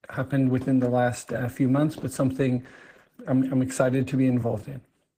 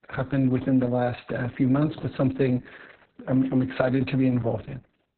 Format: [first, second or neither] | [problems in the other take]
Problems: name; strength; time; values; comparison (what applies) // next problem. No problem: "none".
first | garbled, watery; badly; nothing above 4 kHz; slightly in the first